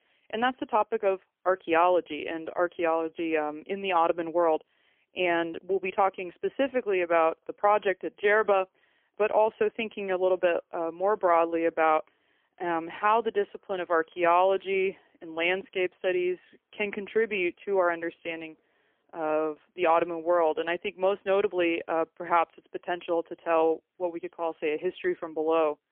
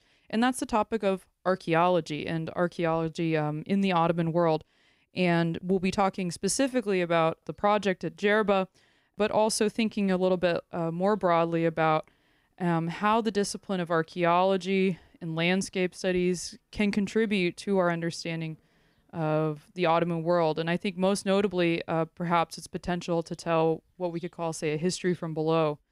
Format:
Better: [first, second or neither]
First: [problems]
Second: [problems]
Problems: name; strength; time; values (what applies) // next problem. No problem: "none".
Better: second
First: phone-call audio; poor line; nothing above 3 kHz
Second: none